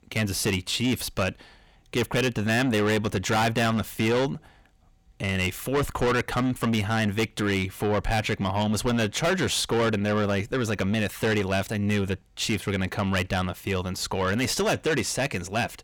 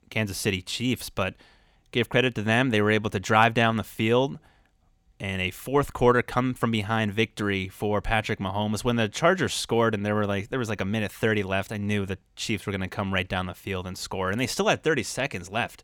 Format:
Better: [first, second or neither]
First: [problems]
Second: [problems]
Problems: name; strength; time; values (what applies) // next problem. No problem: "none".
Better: second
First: distortion; heavy; 6 dB below the speech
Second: none